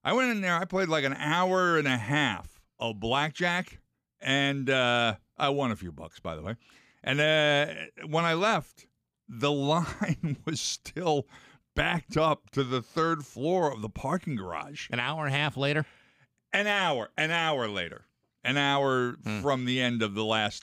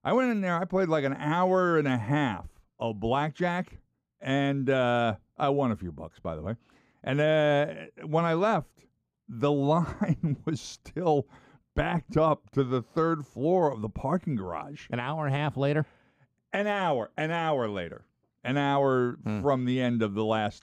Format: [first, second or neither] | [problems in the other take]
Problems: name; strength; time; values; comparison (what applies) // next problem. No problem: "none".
first | muffled; slightly; fading above 1.5 kHz